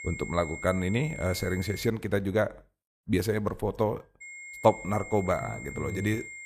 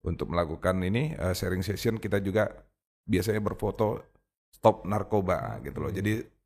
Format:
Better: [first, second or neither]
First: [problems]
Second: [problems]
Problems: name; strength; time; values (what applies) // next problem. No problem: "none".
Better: second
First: high-pitched whine; noticeable; until 2 s and from 4 s on; 2 kHz, 10 dB below the speech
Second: none